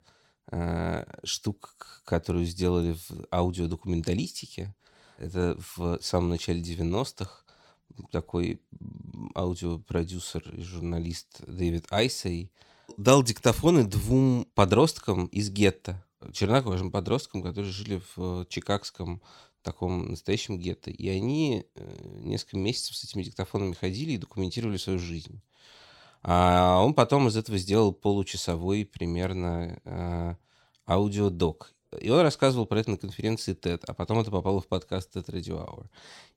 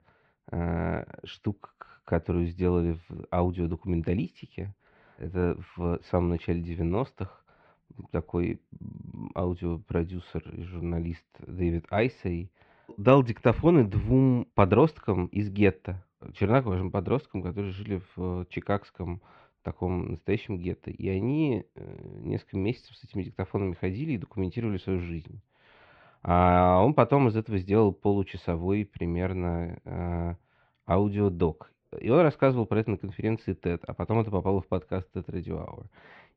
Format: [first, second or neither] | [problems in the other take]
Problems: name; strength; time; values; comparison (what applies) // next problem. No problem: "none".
first | muffled; very; fading above 2.5 kHz